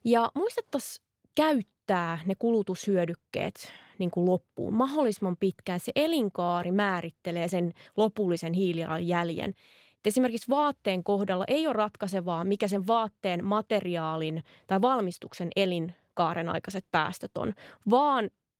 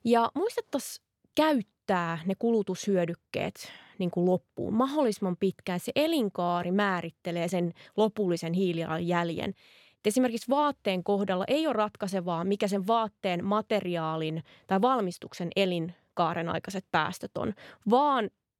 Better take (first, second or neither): second